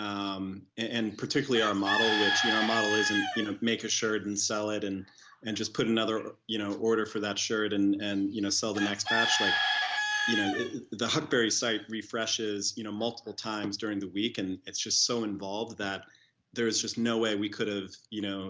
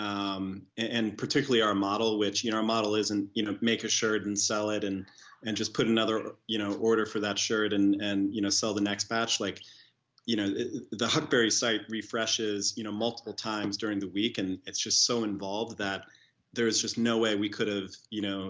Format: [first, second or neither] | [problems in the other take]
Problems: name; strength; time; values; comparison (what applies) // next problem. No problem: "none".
second | background sound (Bird / Chicken, rooster); 1 dB below the speech